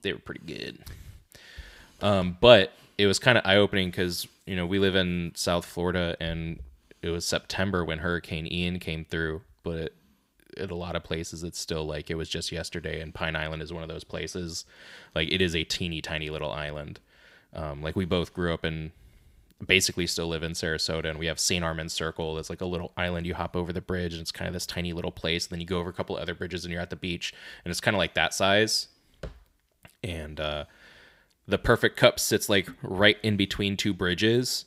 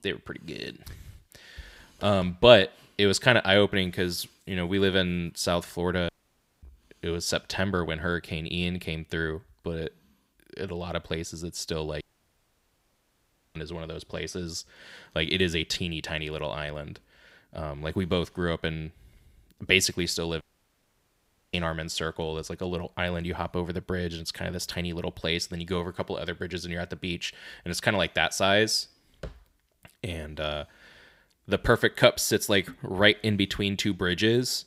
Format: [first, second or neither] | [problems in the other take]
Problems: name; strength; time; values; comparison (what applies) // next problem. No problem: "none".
first | audio cutting out; at 6 s for 0.5 s, at 12 s for 1.5 s and at 20 s for 1 s